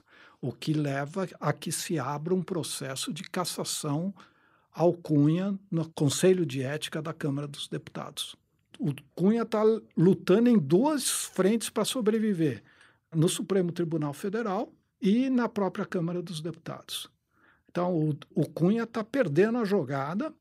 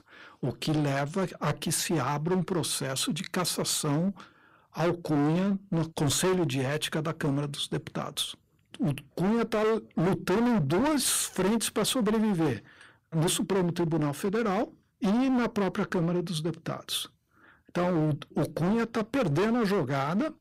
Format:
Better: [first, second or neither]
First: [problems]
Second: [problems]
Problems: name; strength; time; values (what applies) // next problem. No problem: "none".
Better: first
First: none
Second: distortion; heavy; 19% of the sound clipped